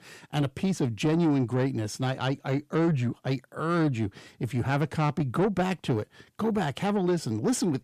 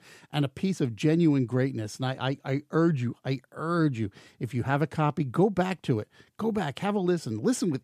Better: second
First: distortion; slight; 10 dB below the speech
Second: none

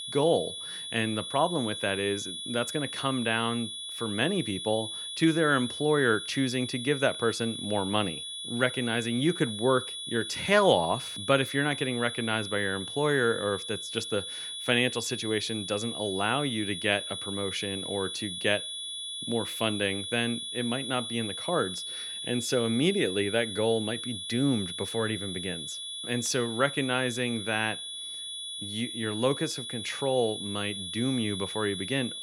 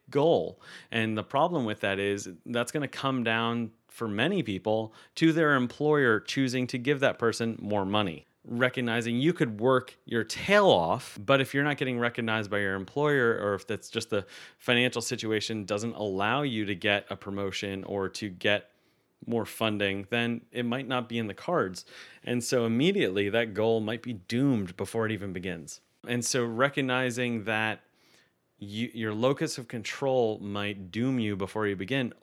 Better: second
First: high-pitched whine; loud; throughout; 3.5 kHz, 6 dB below the speech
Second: none

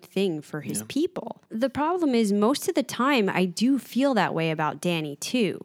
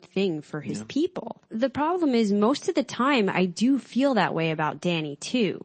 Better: first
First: none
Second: garbled, watery; slightly; nothing above 8 kHz

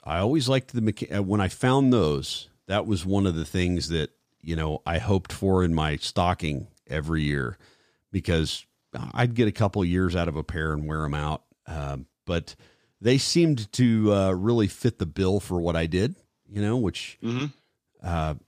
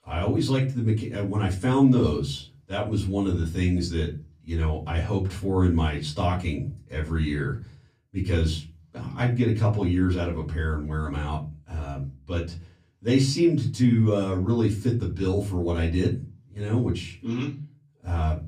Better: first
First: none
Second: off-mic speech; far // room echo; very slight; dies away in 0.4 s

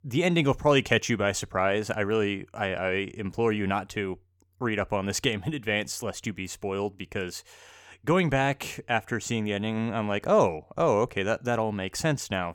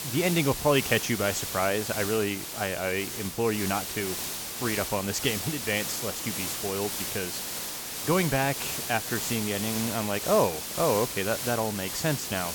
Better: first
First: none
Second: hiss; loud; throughout; 3 dB below the speech

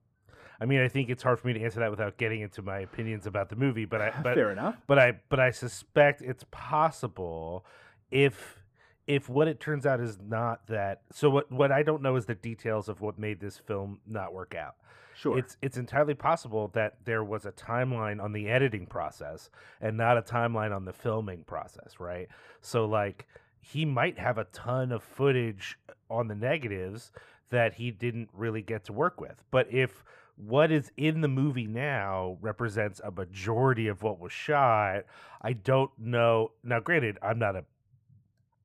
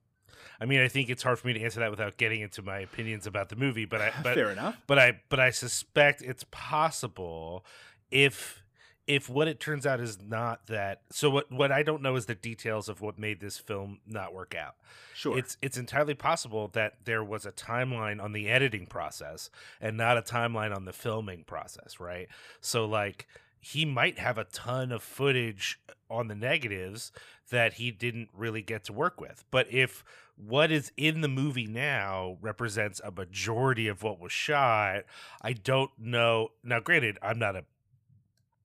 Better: second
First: muffled; slightly; fading above 2 kHz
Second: none

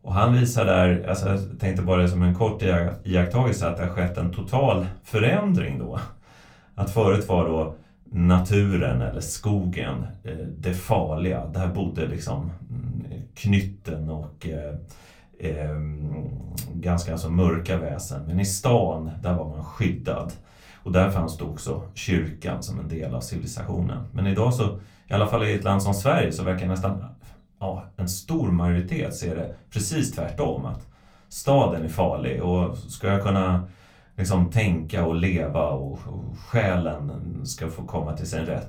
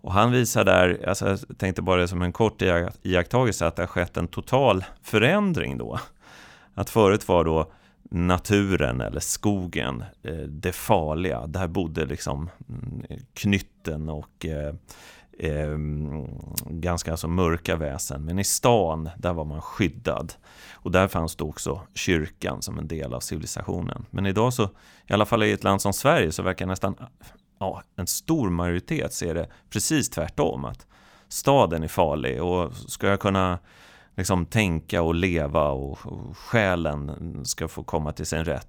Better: second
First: off-mic speech; far // room echo; very slight; dies away in 0.3 s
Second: none

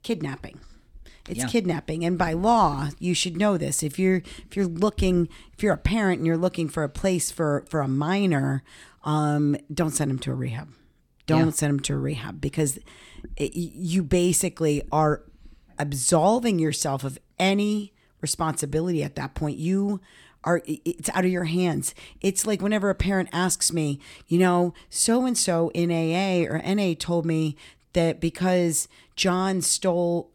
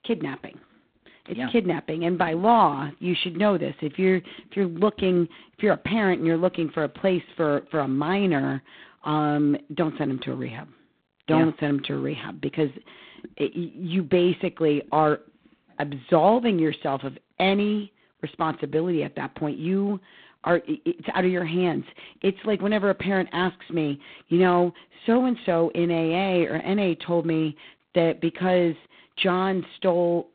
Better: first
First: none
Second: phone-call audio; poor line; nothing above 4 kHz

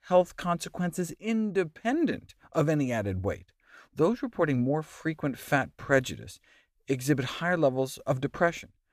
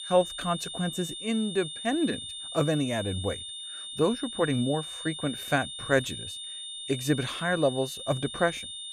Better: first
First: none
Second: high-pitched whine; loud; throughout; 3.5 kHz, 7 dB below the speech

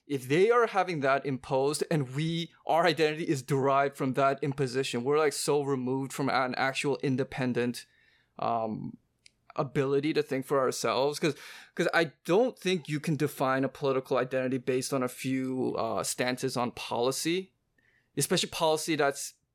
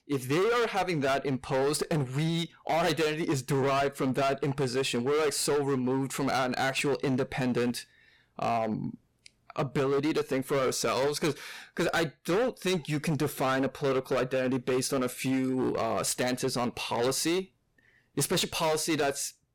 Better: first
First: none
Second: distortion; heavy; 19% of the sound clipped

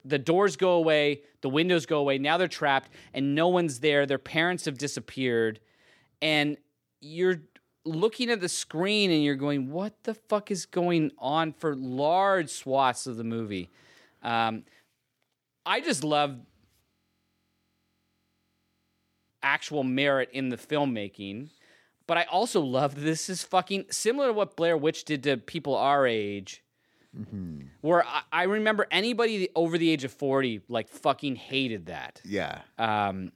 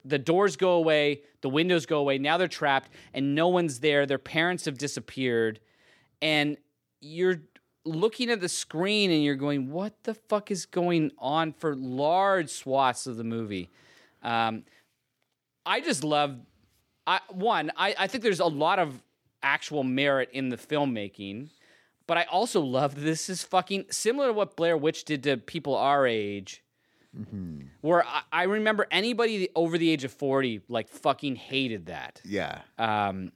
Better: second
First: audio freezing; at 17 s for 2.5 s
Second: none

